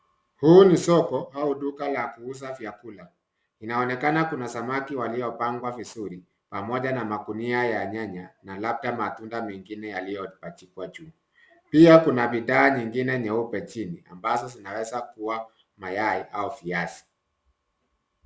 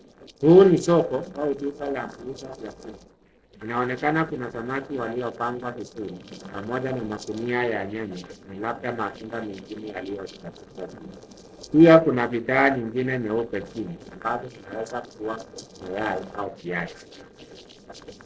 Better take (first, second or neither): first